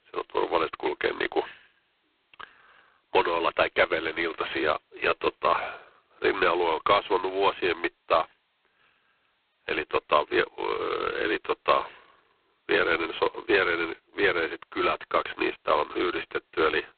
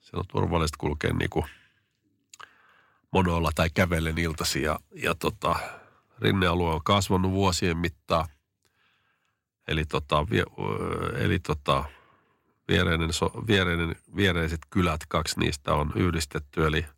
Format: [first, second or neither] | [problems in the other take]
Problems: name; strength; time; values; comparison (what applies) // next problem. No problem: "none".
second | phone-call audio; poor line; nothing above 4 kHz